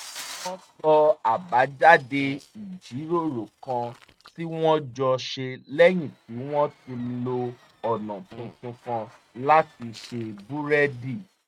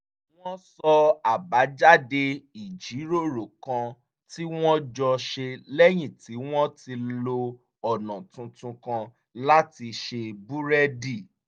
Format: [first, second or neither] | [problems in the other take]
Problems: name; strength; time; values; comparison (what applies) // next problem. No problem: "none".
second | noise reduction (neural mask model RNNoise)